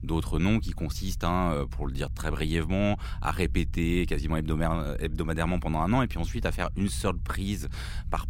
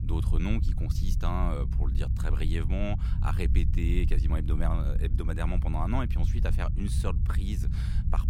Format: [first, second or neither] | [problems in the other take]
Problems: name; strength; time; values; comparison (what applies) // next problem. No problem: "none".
first | low rumble; loud; throughout; 8 dB below the speech; faint in the first